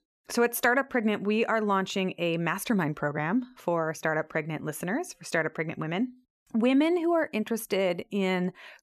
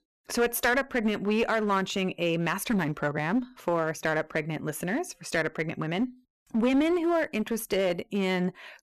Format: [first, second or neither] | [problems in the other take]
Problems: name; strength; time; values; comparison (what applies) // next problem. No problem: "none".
first | distortion; slight; 7% of the sound clipped